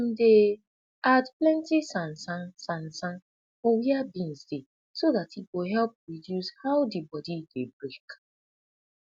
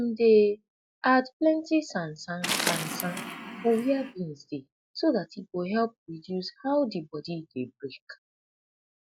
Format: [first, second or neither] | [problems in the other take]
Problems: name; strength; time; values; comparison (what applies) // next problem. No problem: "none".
first | noise reduction (classical method log-MMSE)